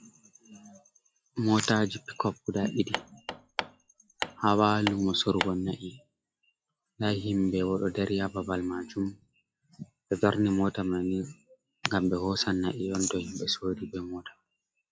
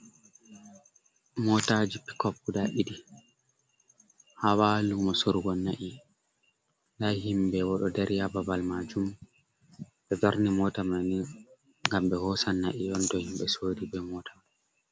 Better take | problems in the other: second | noise reduction (classical method log-MMSE)

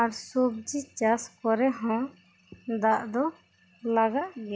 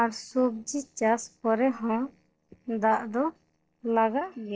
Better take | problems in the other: first | noise reduction (neural separator model SepFormer DNS4)

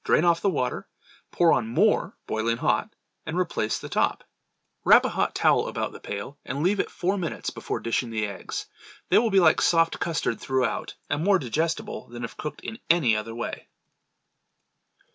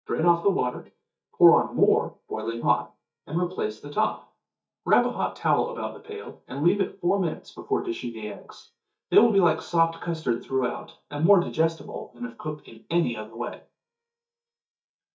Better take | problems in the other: first | noise reduction (neural mask model DeepFilterNet 3)

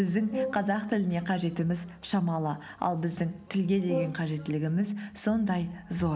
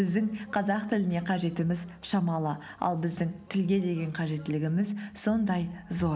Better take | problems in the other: second | background sound (Brass instrument); 10 dB below the speech

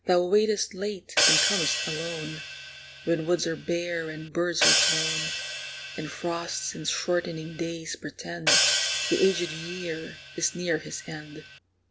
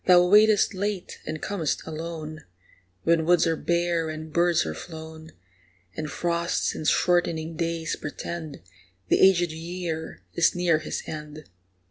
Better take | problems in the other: second | background sound (Hi-hat); as loud as the speech

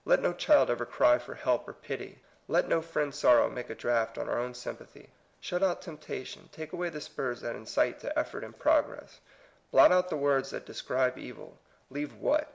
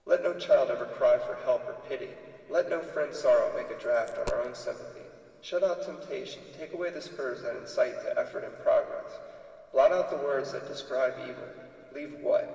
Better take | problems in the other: first | background sound (Coin (dropping)); 15 dB below the speech // room echo; dies away in 2.6 s

